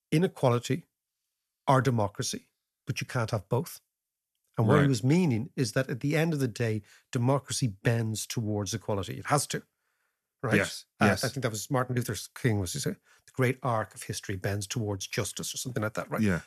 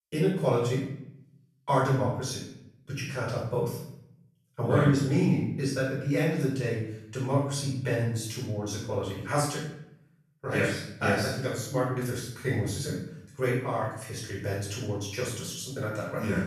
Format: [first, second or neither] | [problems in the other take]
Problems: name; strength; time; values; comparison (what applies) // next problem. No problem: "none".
first | off-mic speech; far // room echo; noticeable; dies away in 0.6 s